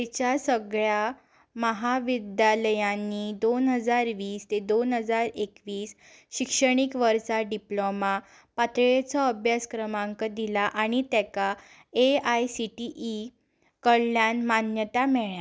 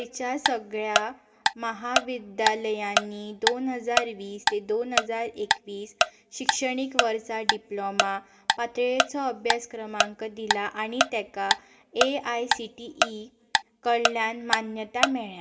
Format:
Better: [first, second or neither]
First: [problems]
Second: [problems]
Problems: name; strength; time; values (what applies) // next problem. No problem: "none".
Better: first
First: none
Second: background sound (Tick-tock); 1 dB above the speech // room echo; dies away in 0.3 s